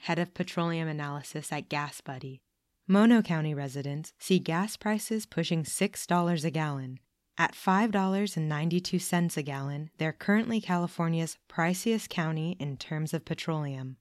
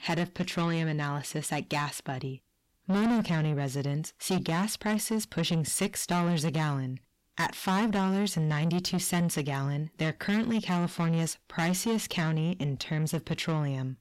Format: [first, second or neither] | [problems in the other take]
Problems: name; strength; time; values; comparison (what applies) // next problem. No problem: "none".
first | distortion; heavy; 6 dB below the speech